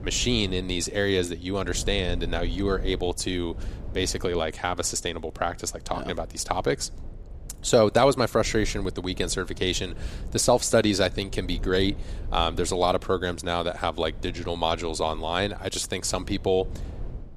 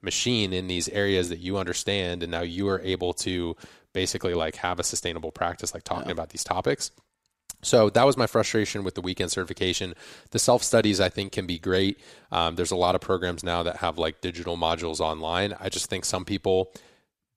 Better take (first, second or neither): second